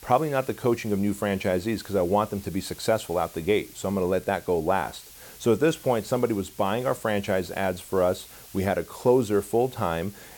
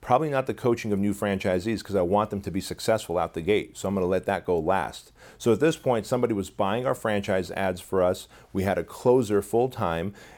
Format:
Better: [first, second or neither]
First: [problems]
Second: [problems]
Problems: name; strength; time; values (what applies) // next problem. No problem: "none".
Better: second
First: hiss; noticeable; throughout; 20 dB below the speech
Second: none